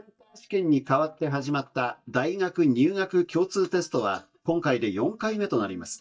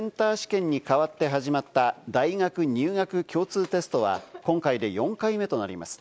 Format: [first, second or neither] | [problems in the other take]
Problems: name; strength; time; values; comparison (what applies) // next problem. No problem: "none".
second | noise reduction (neural mask model DeepFilterNet 3)